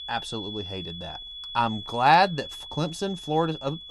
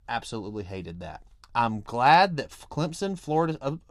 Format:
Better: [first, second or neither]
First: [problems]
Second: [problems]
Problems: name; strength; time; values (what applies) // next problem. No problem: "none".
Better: second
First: high-pitched whine; noticeable; throughout; 3.5 kHz, 10 dB below the speech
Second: none